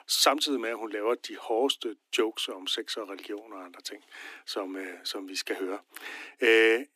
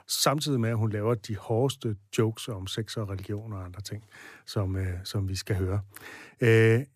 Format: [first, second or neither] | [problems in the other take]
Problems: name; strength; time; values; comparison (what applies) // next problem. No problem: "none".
second | thin; very; fading below 250 Hz